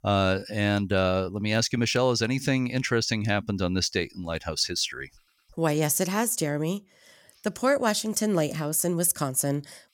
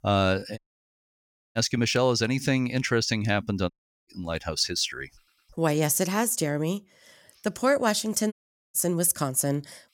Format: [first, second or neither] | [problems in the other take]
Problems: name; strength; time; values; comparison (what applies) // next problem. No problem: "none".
first | audio cutting out; at 0.5 s for 1 s, at 3.5 s and at 8.5 s